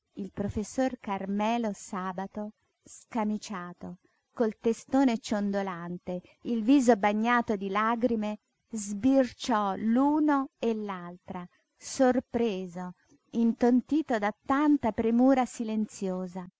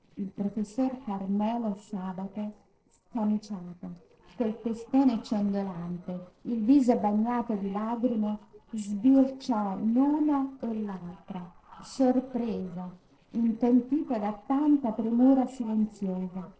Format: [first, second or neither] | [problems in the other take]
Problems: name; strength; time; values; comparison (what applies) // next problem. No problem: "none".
first | noise reduction (neural separator model SepFormer DNS4)